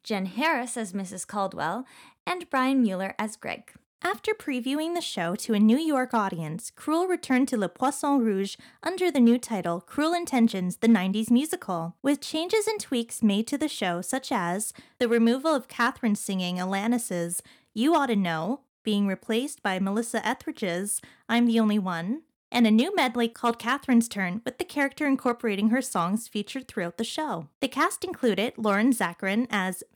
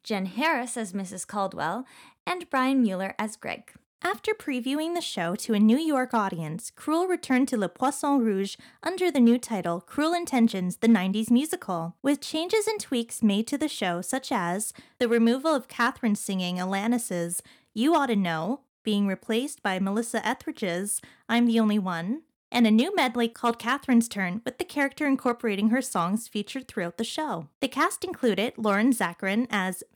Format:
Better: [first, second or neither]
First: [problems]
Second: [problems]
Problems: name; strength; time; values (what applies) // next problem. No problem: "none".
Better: neither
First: none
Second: none